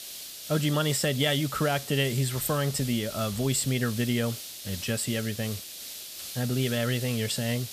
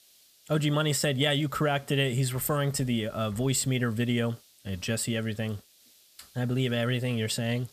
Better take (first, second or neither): second